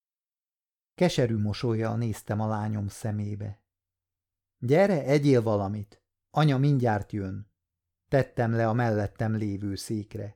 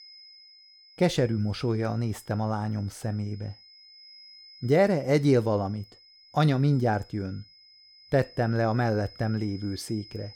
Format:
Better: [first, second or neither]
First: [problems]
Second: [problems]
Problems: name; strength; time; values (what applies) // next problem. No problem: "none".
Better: first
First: none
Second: high-pitched whine; faint; throughout; 5 kHz, 25 dB below the speech